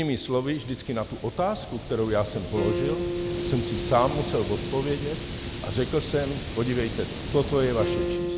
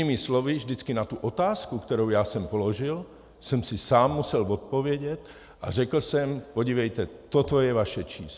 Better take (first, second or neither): second